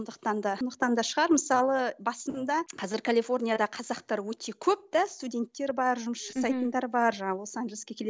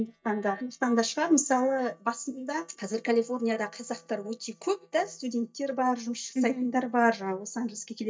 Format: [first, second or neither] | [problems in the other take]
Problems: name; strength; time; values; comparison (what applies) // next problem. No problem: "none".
first | noise reduction (neural mask model DeepFilterNet 3)